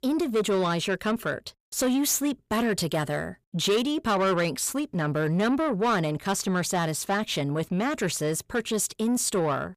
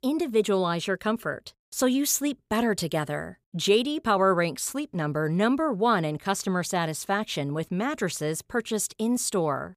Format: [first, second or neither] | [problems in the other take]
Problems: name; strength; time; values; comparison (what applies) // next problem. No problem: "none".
second | distortion; slight; 10 dB below the speech